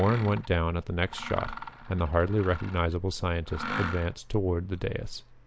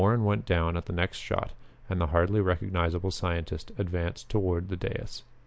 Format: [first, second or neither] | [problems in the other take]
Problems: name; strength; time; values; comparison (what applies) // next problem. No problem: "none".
second | background sound (Mechanisms); 12 dB below the speech